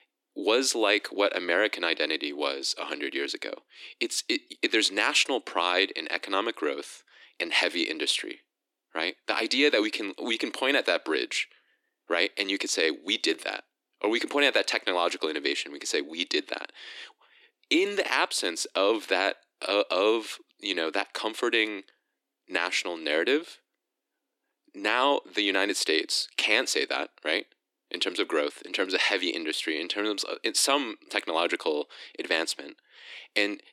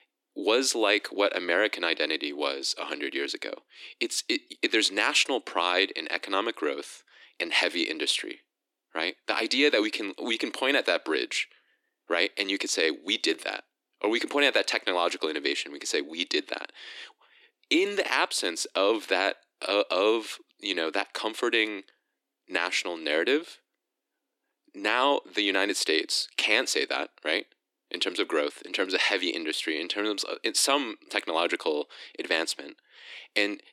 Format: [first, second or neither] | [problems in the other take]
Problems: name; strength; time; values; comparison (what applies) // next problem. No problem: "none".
neither | thin; very; fading below 300 Hz; the same in both